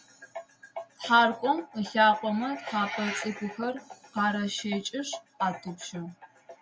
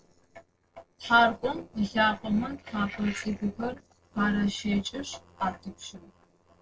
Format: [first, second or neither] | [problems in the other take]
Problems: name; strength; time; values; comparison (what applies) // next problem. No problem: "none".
first | noise reduction (neural separator model SepFormer DNS4)